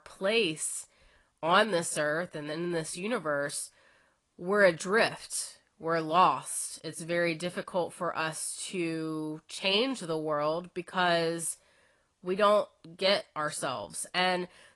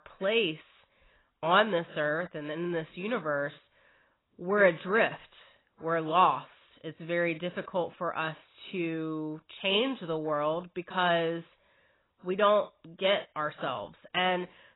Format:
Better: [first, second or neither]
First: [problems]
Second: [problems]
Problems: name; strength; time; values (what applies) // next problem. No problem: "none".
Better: first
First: garbled, watery; slightly; nothing above 10.5 kHz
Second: garbled, watery; badly; nothing above 4 kHz